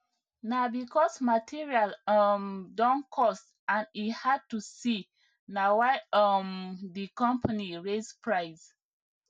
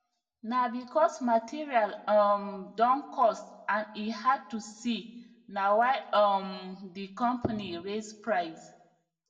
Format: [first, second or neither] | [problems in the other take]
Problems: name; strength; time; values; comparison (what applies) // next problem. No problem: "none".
first | room echo; dies away in 0.6 s